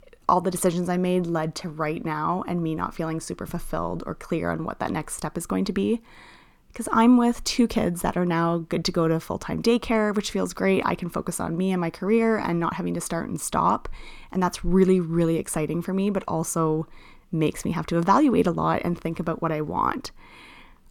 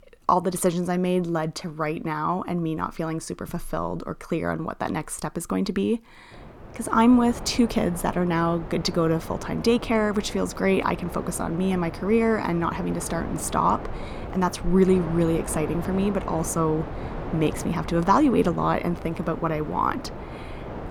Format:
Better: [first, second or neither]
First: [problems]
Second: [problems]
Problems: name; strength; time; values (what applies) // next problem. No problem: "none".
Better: first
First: none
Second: wind noise on the microphone; occasional gusts; from 6.5 s on; 10 dB below the speech